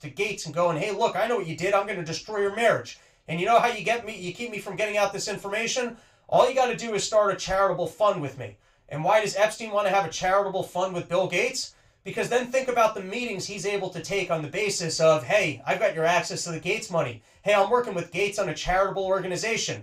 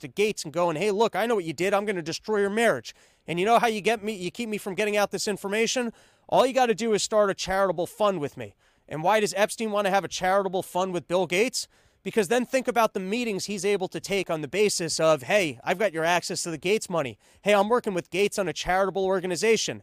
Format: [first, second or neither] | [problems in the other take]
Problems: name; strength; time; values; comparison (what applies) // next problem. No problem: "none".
second | room echo; slight; dies away in 0.2 s // off-mic speech; far